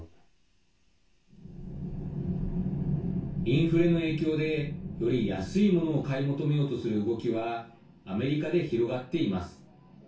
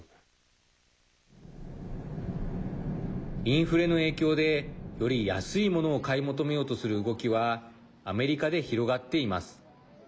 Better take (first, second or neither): second